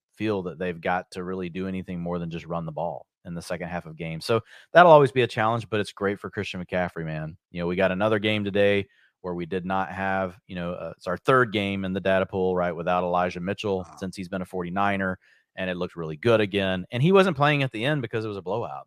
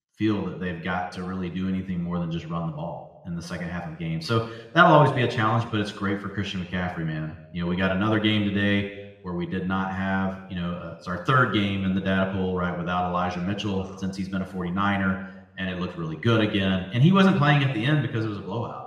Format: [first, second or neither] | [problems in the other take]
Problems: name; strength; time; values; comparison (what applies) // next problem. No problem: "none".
first | room echo; slight; dies away in 0.9 s